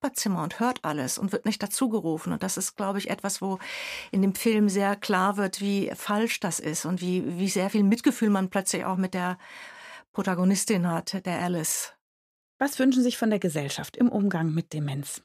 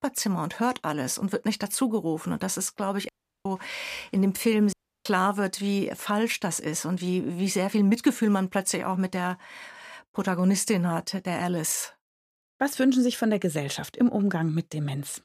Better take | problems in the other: first | audio cutting out; at 3 s and at 4.5 s

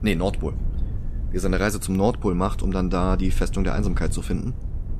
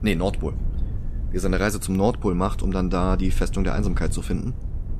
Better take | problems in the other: neither | low rumble; noticeable; throughout; 20 dB below the speech; the same in both

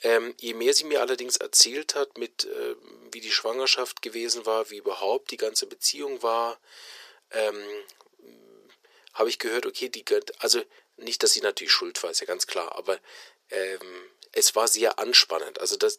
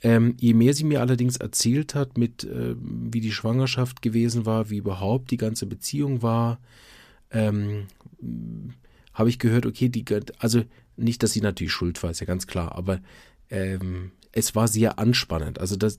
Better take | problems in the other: second | thin; very; fading below 400 Hz

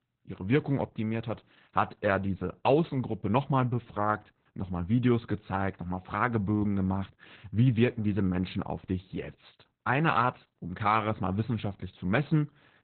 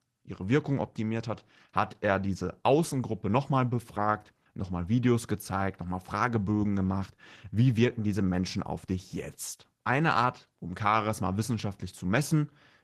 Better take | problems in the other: second | garbled, watery; badly; nothing above 4 kHz; slightly in the second

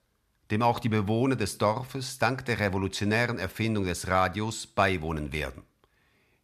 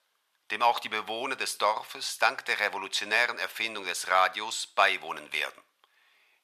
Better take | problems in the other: first | thin; very; fading below 850 Hz

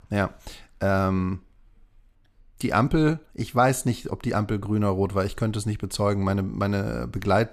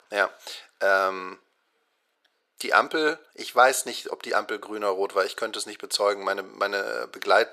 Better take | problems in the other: first | thin; very; fading below 450 Hz

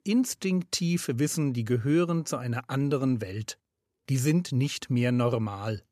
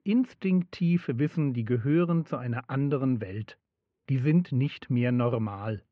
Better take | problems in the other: first | muffled; very; fading above 3 kHz

